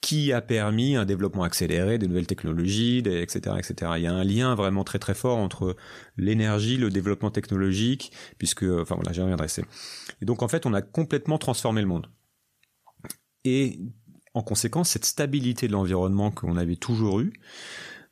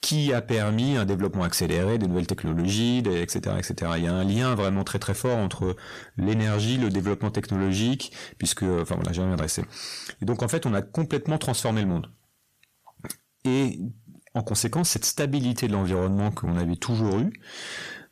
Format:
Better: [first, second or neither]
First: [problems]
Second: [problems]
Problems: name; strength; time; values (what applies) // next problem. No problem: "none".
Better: first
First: none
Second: distortion; slight; 10 dB below the speech